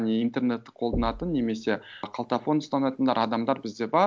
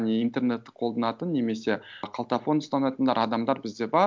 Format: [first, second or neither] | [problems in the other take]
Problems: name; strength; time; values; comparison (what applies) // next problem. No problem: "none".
second | background sound (Knock); 14 dB below the speech